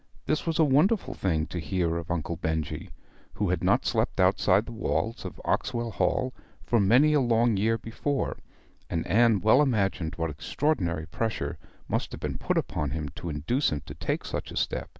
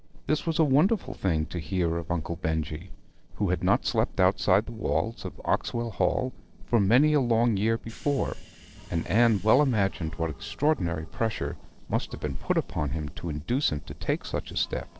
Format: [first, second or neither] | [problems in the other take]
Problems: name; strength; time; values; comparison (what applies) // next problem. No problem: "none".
first | noise reduction (neural separator model SepFormer DNS4)